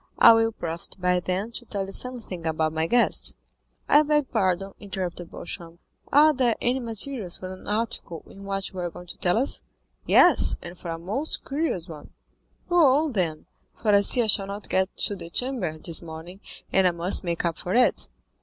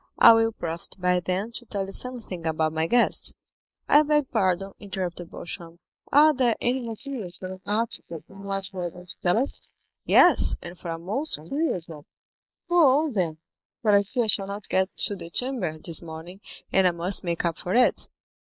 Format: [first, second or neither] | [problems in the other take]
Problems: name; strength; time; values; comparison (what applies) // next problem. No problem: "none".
first | noise reduction (neural mask model Resemble Enhance denoiser)